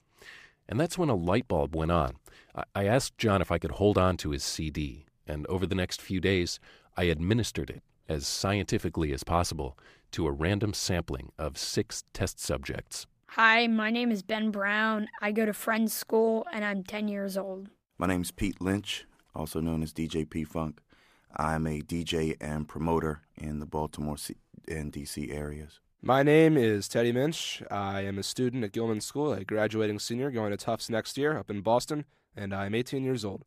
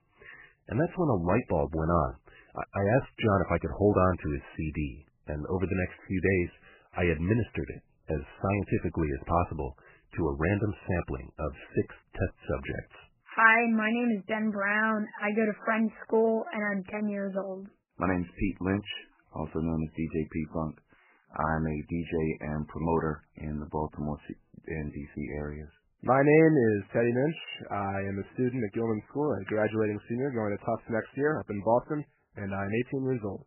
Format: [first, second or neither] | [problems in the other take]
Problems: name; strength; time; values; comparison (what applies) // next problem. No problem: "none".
first | garbled, watery; badly; nothing above 3 kHz